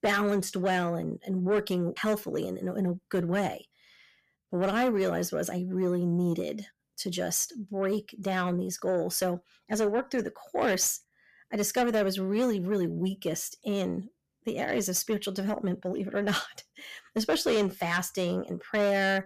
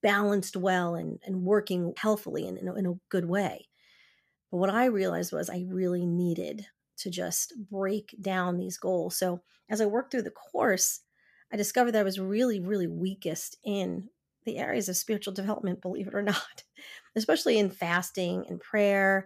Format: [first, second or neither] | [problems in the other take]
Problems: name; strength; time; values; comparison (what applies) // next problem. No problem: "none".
second | distortion; slight; 10 dB below the speech